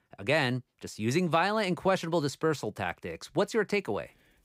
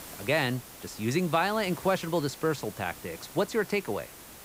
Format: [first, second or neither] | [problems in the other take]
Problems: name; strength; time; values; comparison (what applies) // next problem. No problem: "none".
first | hiss; noticeable; throughout; 15 dB below the speech